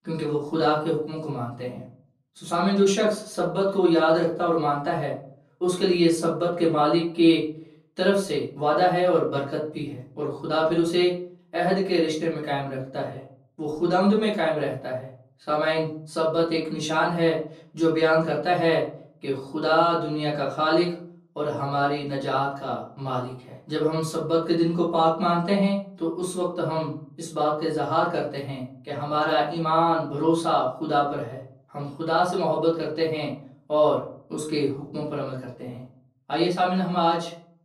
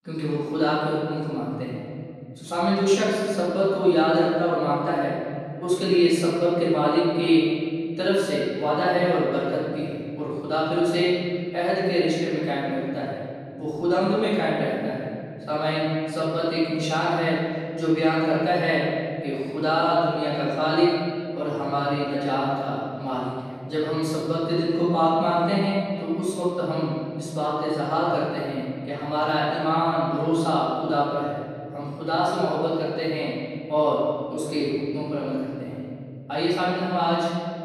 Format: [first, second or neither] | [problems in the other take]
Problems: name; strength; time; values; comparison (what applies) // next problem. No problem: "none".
first | room echo; strong; dies away in 2.8 s; slight in the first // off-mic speech; far; far in the first